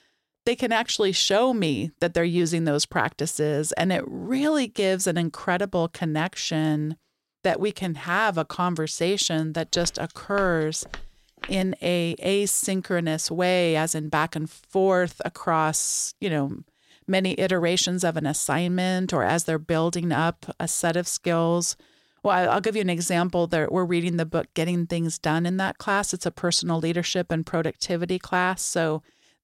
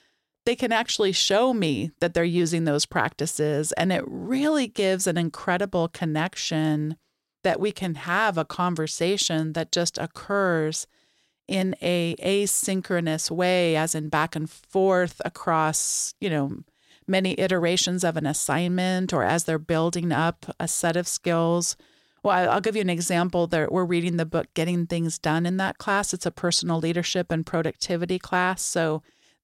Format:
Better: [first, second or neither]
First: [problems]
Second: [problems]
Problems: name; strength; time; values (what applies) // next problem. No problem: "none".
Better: second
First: footsteps; faint; from 10 to 12 s; peak 15 dB below the speech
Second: none